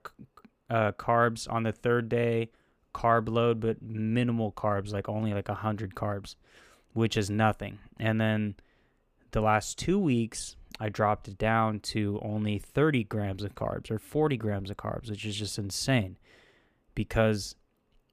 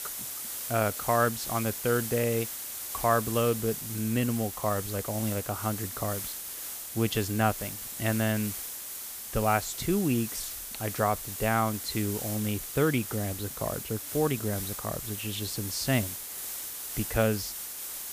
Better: first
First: none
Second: hiss; loud; throughout; 5 dB below the speech

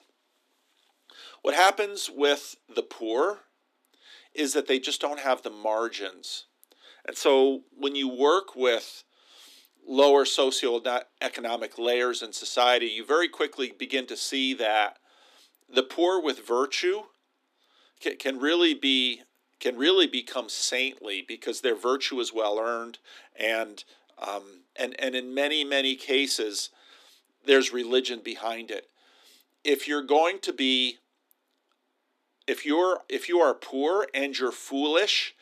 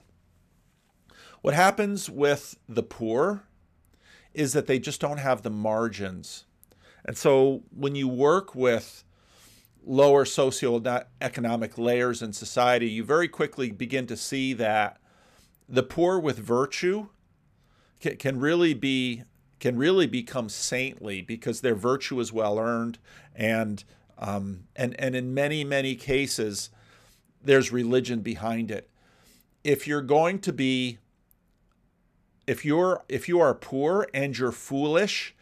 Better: second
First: thin; very slightly; fading below 250 Hz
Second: none

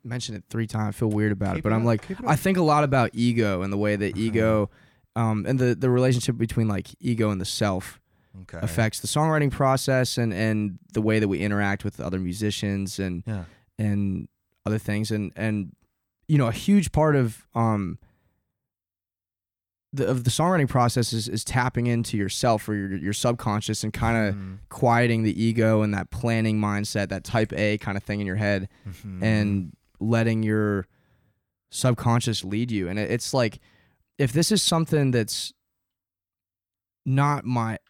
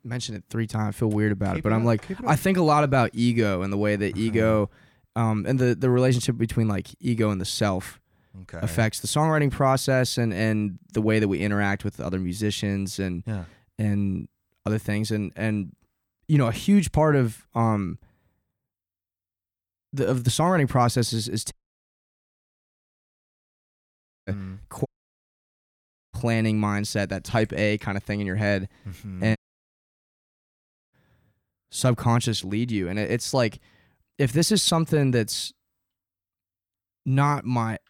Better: first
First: none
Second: audio cutting out; at 22 s for 3 s, at 25 s for 1.5 s and at 29 s for 1.5 s

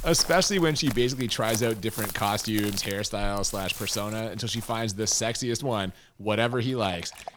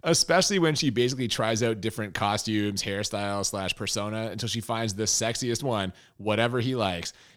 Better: second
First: animal sounds; noticeable; throughout; 10 dB below the speech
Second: none

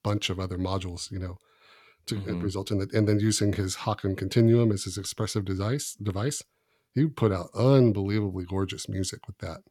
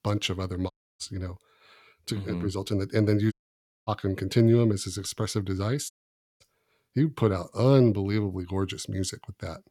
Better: first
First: none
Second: audio cutting out; at 0.5 s, at 3.5 s for 0.5 s and at 6 s for 0.5 s

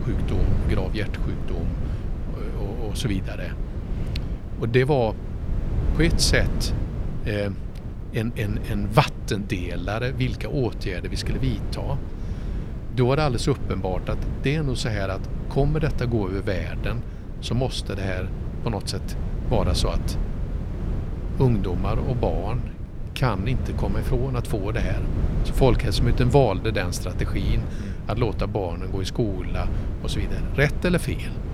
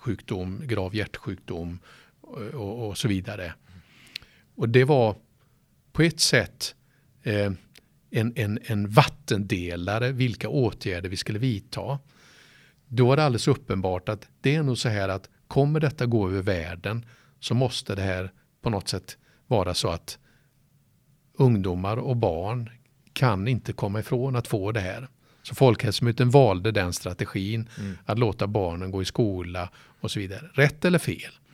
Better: second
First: wind noise on the microphone; occasional gusts; 10 dB below the speech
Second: none

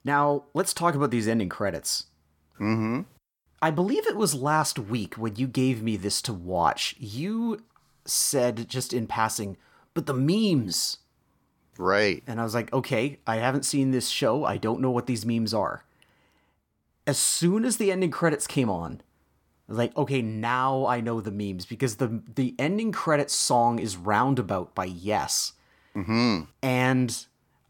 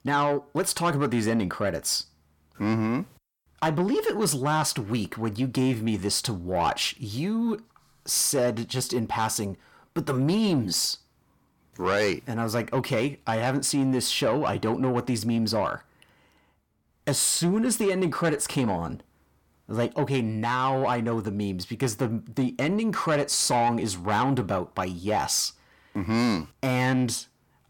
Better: first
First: none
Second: distortion; slight; 10 dB below the speech

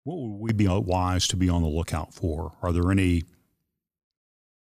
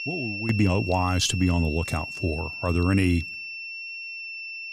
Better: first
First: none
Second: high-pitched whine; loud; throughout; 2.5 kHz, 8 dB below the speech

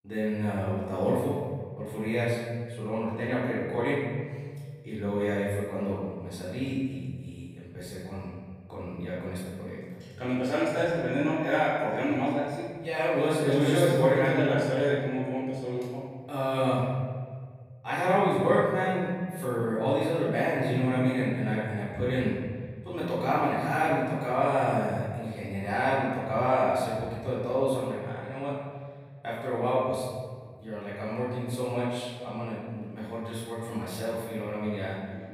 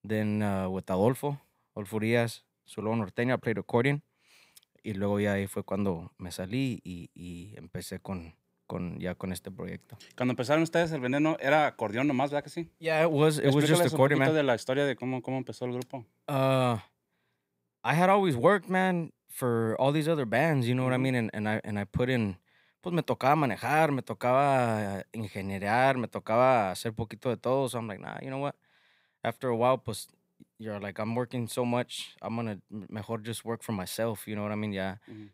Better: second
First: off-mic speech; far // room echo; strong; dies away in 1.7 s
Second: none

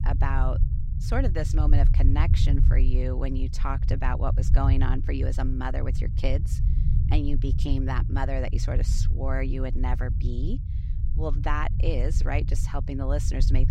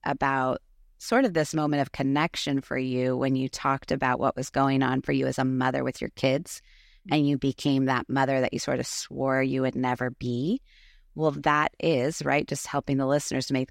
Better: second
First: low rumble; loud; throughout; 9 dB below the speech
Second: none

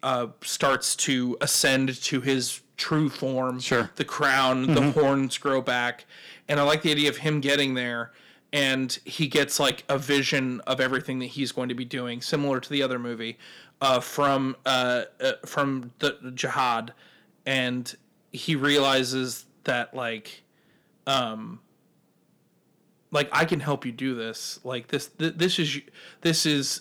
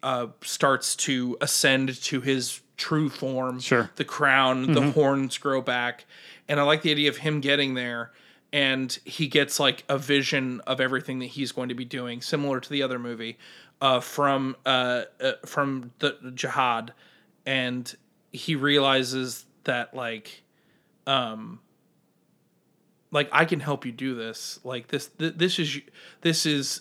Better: second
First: distortion; slight; 2% of the sound clipped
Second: none

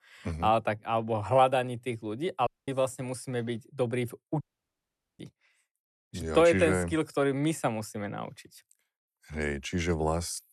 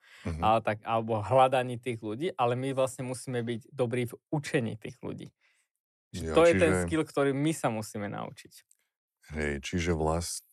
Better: second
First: audio cutting out; at 2.5 s and at 4.5 s for 1 s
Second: none

